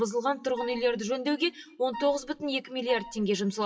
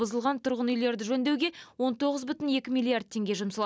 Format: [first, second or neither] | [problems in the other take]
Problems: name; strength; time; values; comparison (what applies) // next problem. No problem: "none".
second | noise reduction (classical method WPE with log-MMSE)